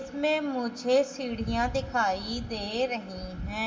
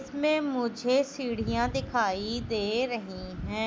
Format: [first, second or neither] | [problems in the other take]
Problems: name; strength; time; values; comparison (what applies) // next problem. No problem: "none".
second | room echo; dies away in 1.5 s